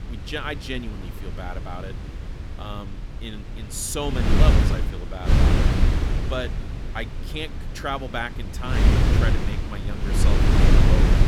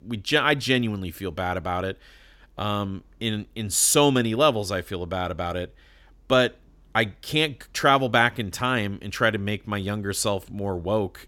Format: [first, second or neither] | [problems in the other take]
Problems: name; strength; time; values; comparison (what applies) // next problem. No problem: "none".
second | wind noise on the microphone; heavy; 3 dB above the speech